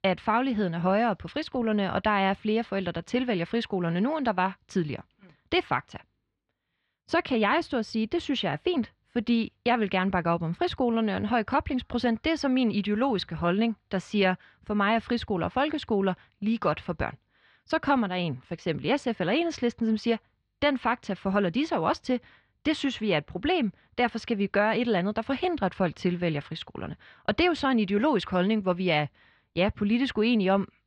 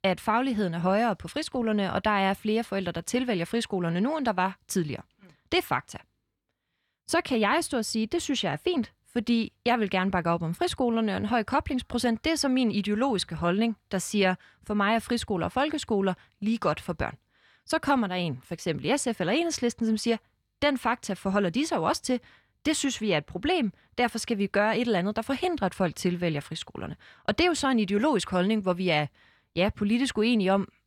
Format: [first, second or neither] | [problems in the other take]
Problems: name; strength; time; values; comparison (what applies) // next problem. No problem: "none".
second | muffled; very slightly; fading above 4 kHz